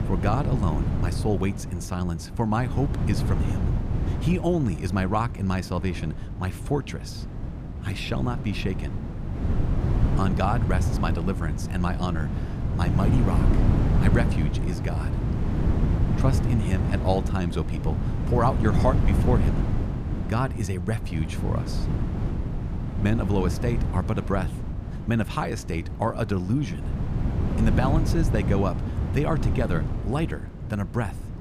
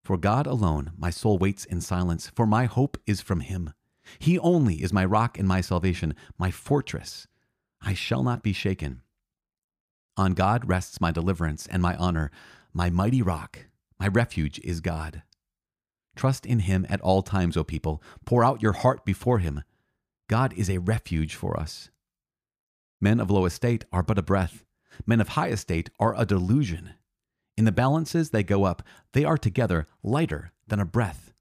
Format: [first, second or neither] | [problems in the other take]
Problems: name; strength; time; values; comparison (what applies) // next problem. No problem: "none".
second | wind noise on the microphone; heavy; 6 dB below the speech